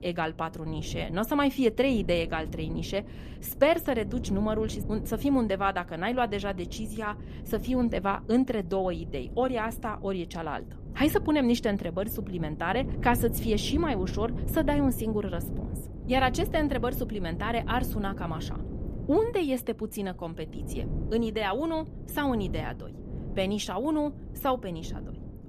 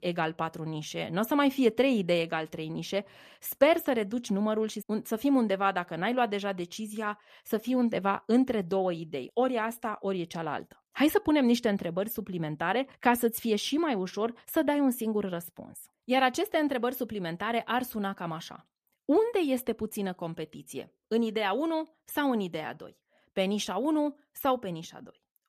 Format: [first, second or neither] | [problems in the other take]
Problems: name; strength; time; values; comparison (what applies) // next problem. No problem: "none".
second | wind noise on the microphone; occasional gusts; 15 dB below the speech